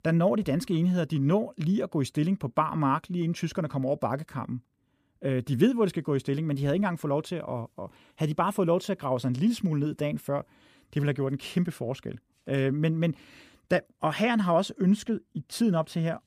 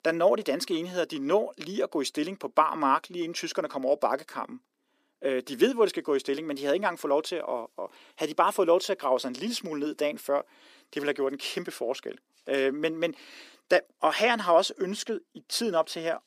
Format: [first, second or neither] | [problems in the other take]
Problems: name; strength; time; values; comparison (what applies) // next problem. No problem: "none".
first | thin; somewhat; fading below 350 Hz